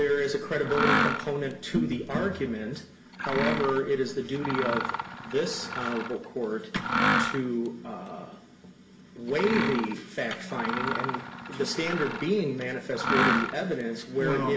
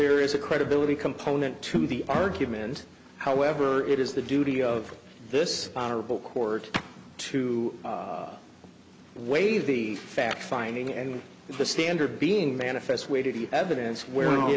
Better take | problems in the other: second | background sound (Mechanisms); 2 dB below the speech // room echo; dies away in 0.5 s

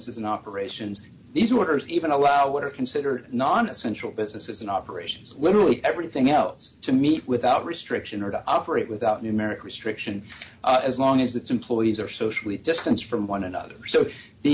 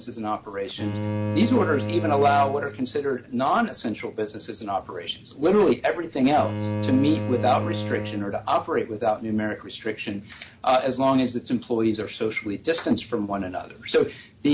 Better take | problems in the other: first | background sound (Bowed string instrument); 6 dB below the speech

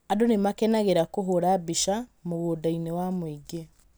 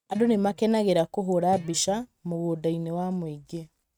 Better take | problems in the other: first | noise reduction (neural mask model RNNoise)

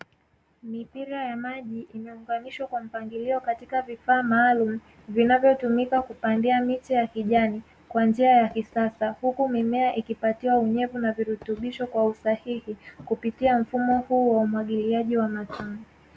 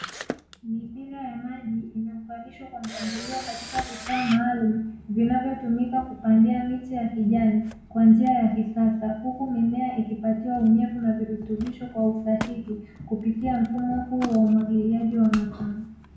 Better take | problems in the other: first | background sound (Camera); 18 dB below the speech // room echo; dies away in 0.5 s

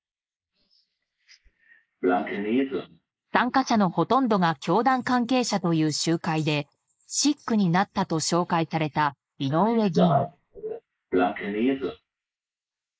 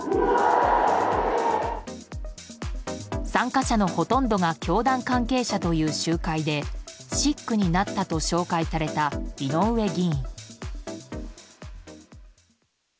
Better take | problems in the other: second | noise reduction (neural mask model Resemble Enhance denoiser)

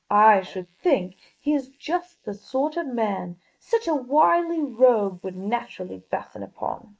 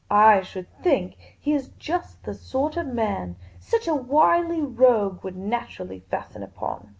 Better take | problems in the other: second | noise reduction (neural mask model Resemble Enhance denoiser)

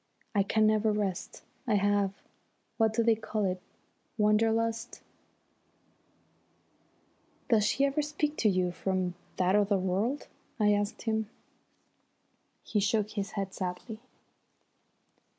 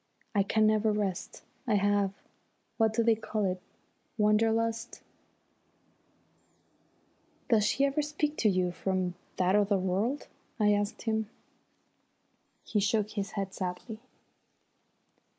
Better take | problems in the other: first | noise reduction (neural mask model Resemble Enhance denoiser)

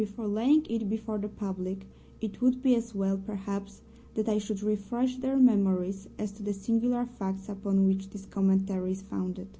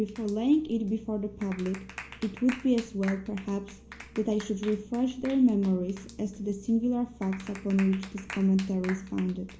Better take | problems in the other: first | background sound (Clapping); 18 dB below the speech // room echo; dies away in 0.6 s

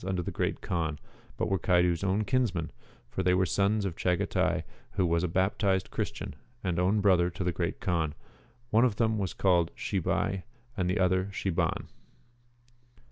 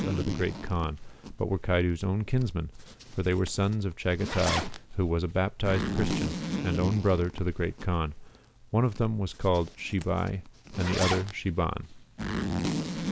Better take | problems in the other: first | background sound (Zipper (clothing)); 7 dB below the speech

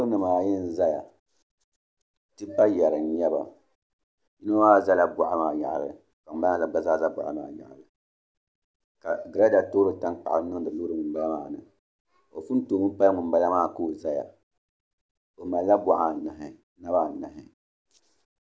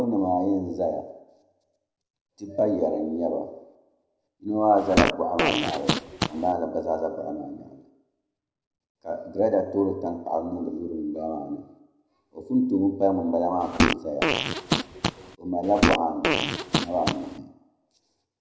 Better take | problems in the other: first | background sound (Fart); 2 dB above the speech // room echo; dies away in 0.8 s

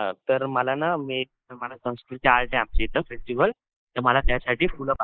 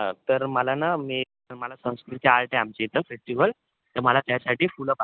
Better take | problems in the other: second | noise reduction (neural mask model Resemble Enhance denoiser)

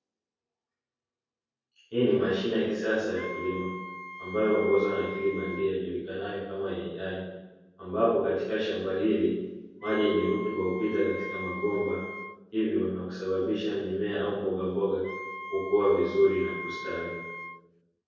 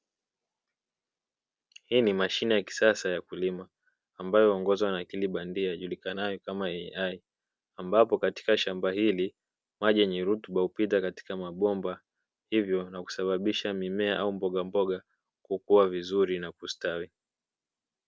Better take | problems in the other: second | background sound (Wind instrument, woodwind instrument); 11 dB below the speech // room echo; dies away in 1.3 s

